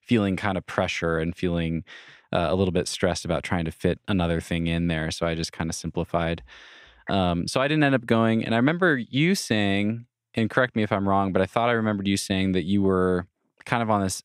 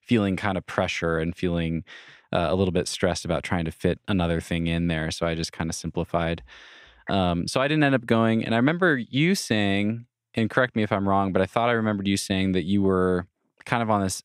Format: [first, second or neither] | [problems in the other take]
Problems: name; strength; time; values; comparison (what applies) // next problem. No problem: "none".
neither | none